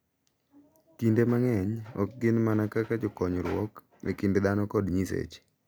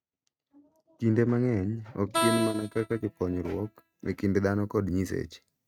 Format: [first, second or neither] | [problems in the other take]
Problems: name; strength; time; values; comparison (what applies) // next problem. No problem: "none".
first | noise reduction (neural mask model RNNoise)